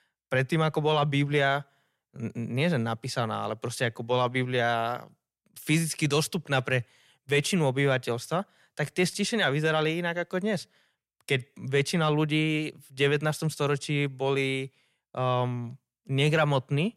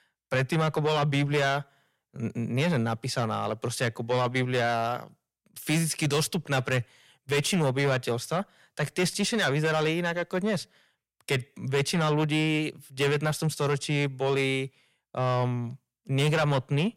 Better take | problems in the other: first | distortion; slight; 10 dB below the speech

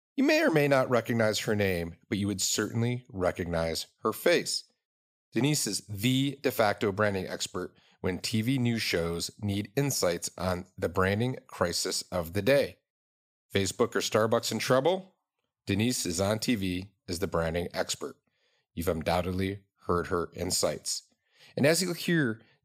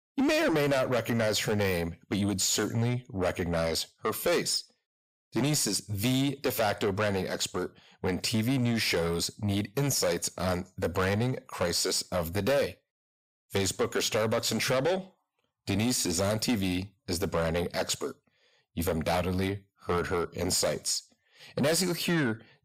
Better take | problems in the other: first | distortion; heavy; 8 dB below the speech

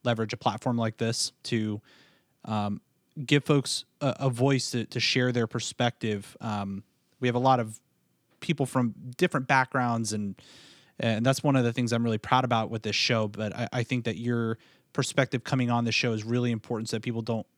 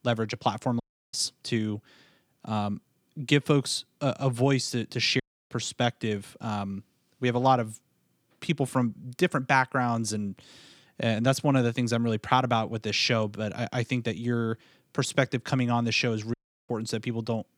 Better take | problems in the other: first | audio cutting out; at 1 s, at 5 s and at 16 s

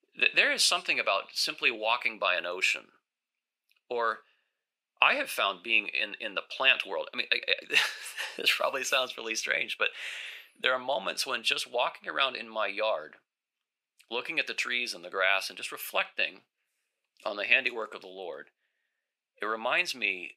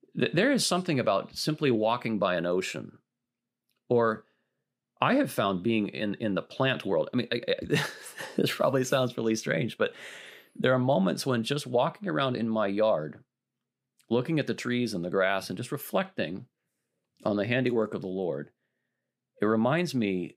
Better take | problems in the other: second | thin; very; fading below 800 Hz

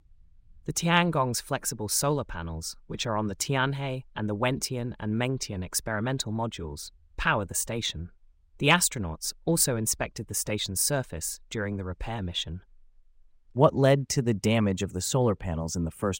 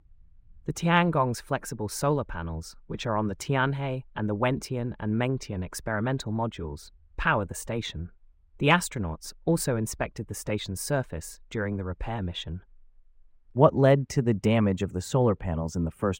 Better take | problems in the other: first | muffled; slightly; fading above 3 kHz

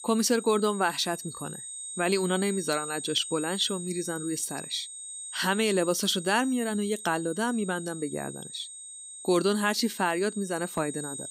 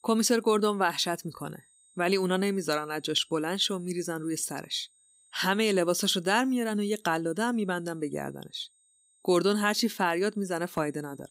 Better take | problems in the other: second | high-pitched whine; loud; throughout; 8.5 kHz, 10 dB below the speech; faint in the second

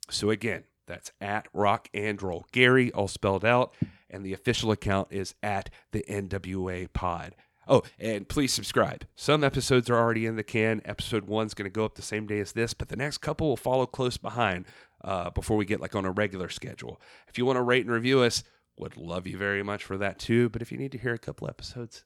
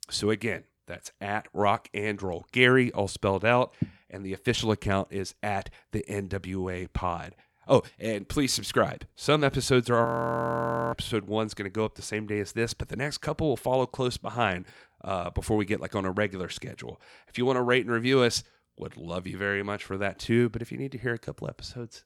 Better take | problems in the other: first | audio freezing; at 10 s for 1 s

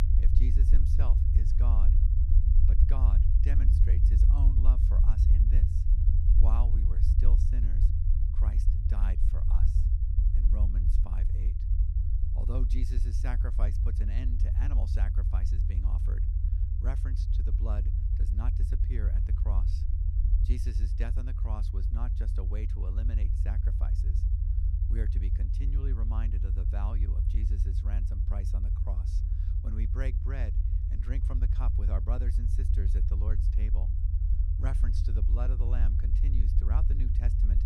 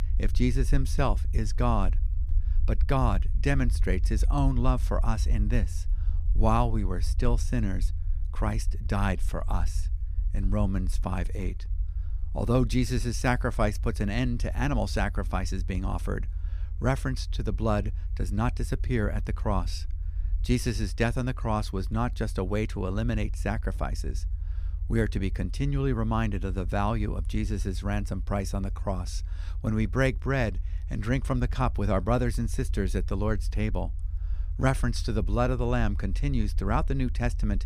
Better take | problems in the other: second | low rumble; loud; throughout; as loud as the speech; faint in the second

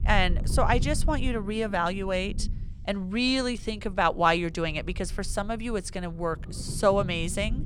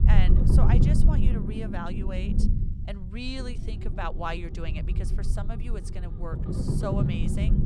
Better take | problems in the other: first | low rumble; loud; throughout; 1 dB below the speech; faint in the first

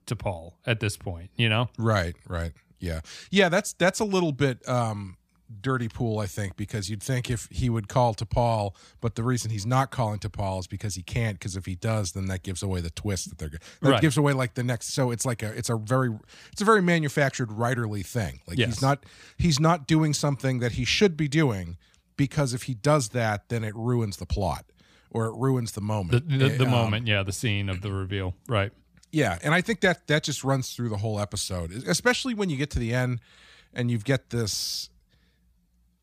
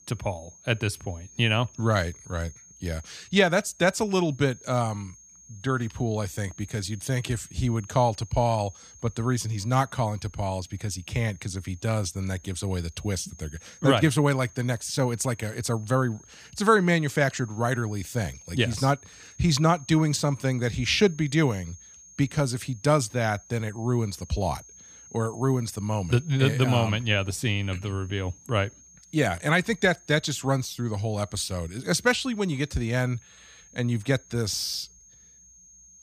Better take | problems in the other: first | high-pitched whine; faint; throughout; 6.5 kHz, 20 dB below the speech

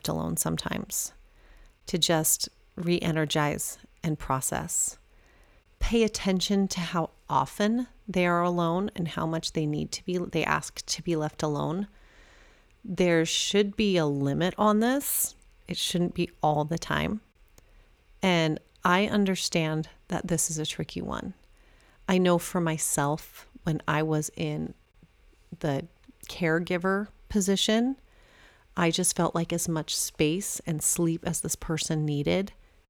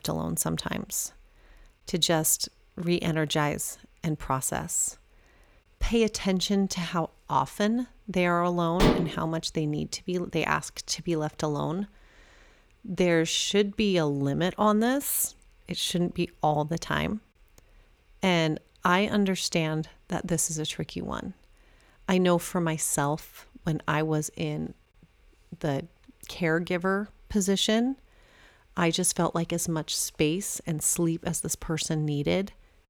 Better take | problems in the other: first | clattering dishes; loud; at 9 s; peak 3 dB above the speech

